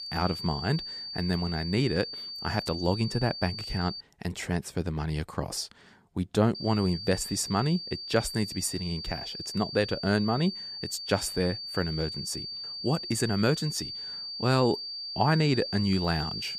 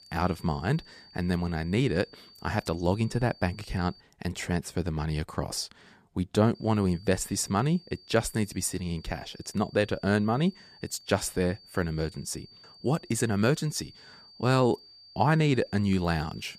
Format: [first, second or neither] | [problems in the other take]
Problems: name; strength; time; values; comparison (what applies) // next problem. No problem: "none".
second | high-pitched whine; loud; until 4 s and from 6.5 s on; 4.5 kHz, 6 dB below the speech; faint in the second